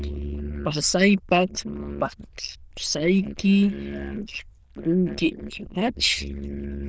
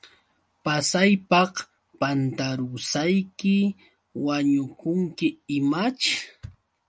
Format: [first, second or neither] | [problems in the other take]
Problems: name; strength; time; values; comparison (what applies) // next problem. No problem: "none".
second | noise reduction (neural diffusion model UNIVERSE++)